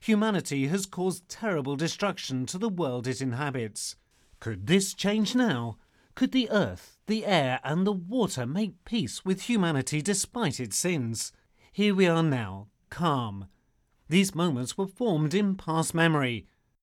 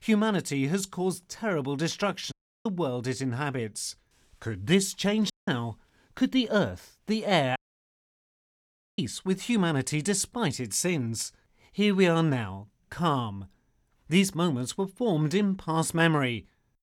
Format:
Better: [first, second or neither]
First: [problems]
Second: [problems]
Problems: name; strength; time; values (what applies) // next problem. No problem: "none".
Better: first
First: none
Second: audio cutting out; at 2.5 s, at 5.5 s and at 7.5 s for 1.5 s